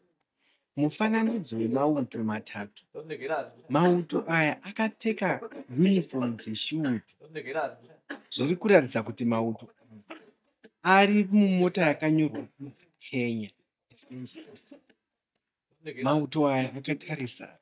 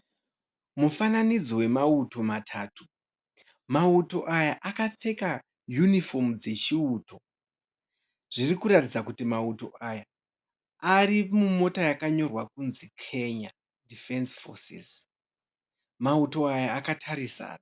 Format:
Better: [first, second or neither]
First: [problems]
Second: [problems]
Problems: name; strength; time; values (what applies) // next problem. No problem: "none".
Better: second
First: noise reduction (neural mask model DeepFilterNet 3)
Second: none